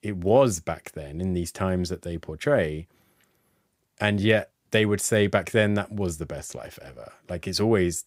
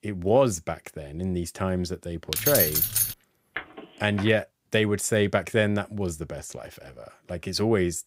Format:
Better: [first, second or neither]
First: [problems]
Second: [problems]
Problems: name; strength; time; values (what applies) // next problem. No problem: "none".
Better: first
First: none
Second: jangling keys; loud; at 2.5 s; peak 6 dB above the speech // phone ringing; faint; at 3.5 s; peak 10 dB below the speech